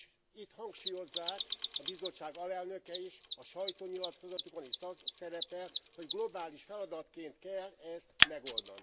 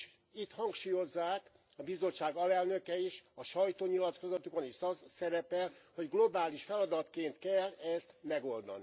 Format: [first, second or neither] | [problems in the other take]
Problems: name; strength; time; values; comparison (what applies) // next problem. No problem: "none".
second | background sound (Mechanisms); 4 dB above the speech